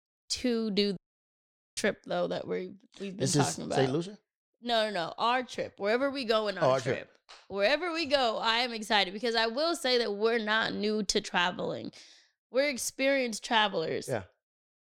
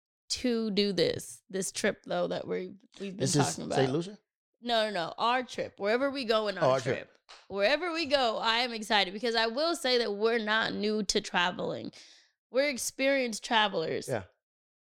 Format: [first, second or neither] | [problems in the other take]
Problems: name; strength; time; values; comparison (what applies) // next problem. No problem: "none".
second | audio cutting out; at 1 s for 1 s